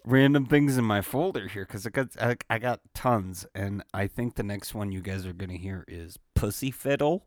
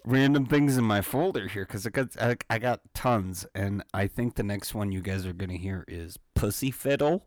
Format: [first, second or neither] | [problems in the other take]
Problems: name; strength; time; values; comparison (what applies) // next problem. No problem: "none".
first | distortion; slight; 10 dB below the speech